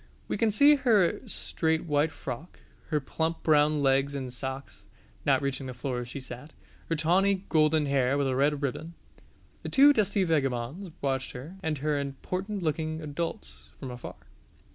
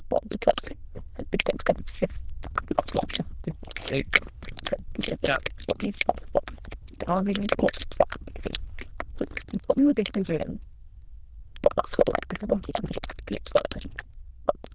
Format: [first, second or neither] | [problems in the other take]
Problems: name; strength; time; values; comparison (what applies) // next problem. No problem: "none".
first | noise reduction (neural diffusion model UNIVERSE++)